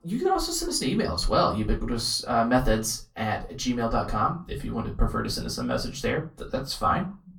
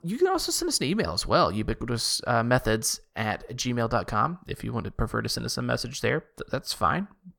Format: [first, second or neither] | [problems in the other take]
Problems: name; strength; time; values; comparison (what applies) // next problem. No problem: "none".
second | off-mic speech; far // room echo; very slight; dies away in 0.2 s